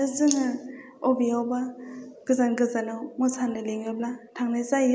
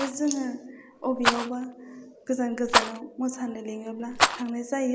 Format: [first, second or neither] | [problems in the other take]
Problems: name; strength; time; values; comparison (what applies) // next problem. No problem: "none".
first | background sound (Rattle); as loud as the speech